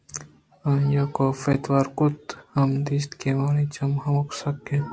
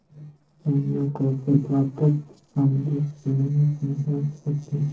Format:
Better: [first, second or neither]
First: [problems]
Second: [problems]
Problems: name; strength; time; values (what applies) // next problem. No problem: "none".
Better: first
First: none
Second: noise reduction (neural separator model SepFormer DNS4)